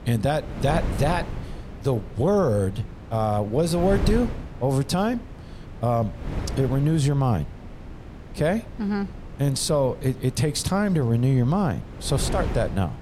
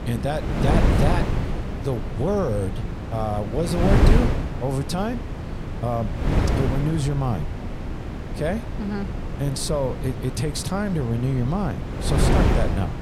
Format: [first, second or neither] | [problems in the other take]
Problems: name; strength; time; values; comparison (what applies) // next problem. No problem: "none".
first | wind noise on the microphone; heavy; 3 dB below the speech; occasional gusts in the first